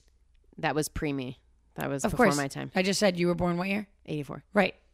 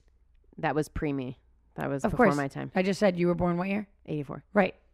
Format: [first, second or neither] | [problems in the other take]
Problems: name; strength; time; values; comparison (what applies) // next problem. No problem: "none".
first | muffled; slightly; fading above 3 kHz